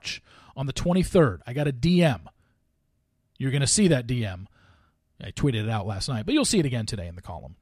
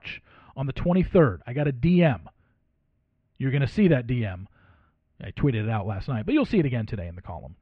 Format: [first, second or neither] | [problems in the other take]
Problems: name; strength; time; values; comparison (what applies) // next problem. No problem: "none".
first | muffled; very; fading above 2.5 kHz